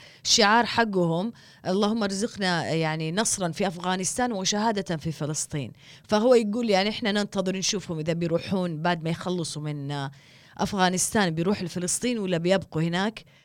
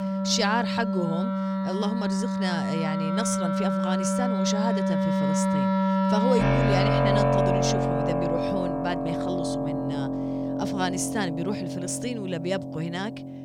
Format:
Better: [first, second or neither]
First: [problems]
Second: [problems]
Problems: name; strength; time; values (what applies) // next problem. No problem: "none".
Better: first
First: none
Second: background music; very loud; throughout; 4 dB above the speech